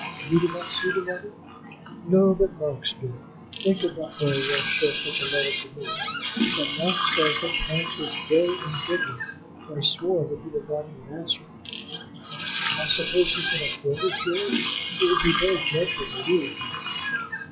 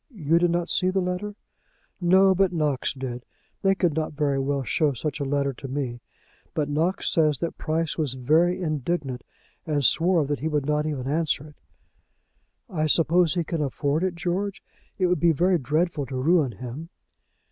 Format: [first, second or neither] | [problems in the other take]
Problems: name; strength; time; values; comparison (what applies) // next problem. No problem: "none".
second | noise reduction (classical method log-MMSE)